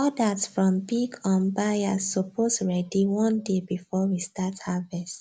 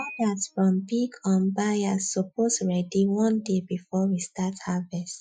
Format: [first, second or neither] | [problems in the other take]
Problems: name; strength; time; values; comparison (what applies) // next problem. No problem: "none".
first | noise reduction (classical method Wiener filter)